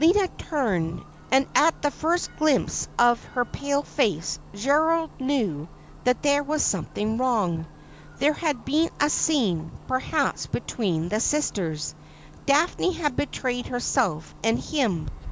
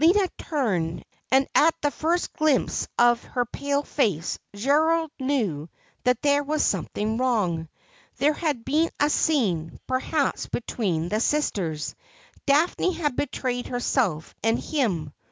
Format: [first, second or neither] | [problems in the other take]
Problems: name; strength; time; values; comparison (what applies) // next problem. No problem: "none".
second | background sound (Clock); 19 dB below the speech